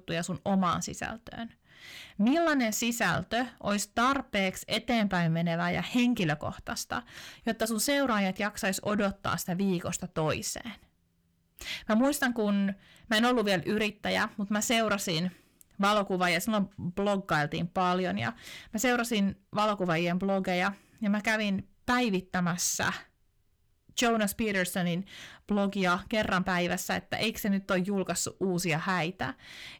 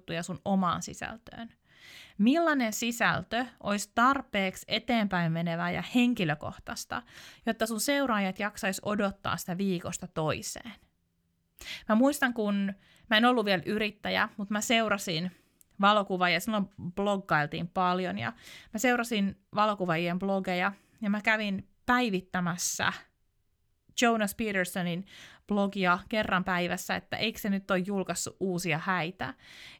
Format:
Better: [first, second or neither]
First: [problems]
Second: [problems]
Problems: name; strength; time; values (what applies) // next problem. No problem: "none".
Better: second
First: distortion; slight; 10 dB below the speech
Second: none